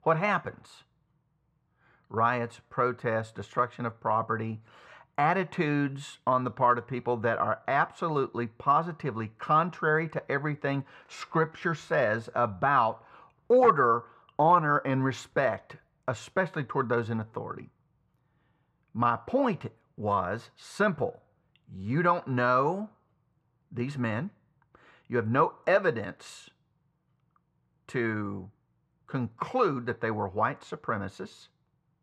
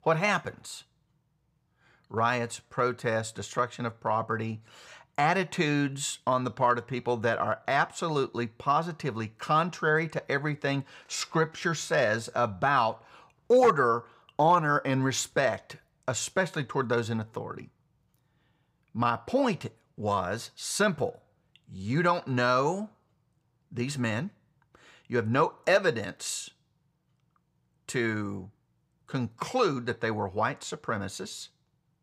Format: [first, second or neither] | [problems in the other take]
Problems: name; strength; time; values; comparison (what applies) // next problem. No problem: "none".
second | muffled; slightly; fading above 3.5 kHz